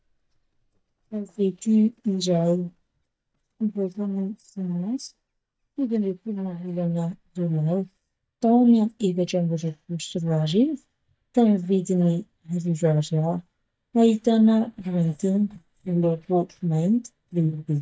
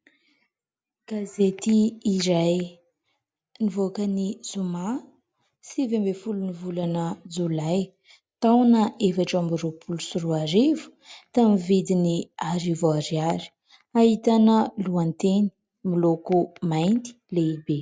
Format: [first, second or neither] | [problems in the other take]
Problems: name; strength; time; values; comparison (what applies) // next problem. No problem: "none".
second | noise reduction (neural mask model DeepFilterNet 3)